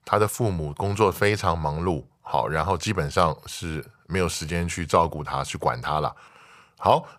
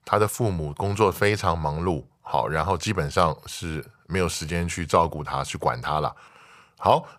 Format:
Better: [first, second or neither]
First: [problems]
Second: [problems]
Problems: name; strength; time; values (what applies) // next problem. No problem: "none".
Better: neither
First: none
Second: none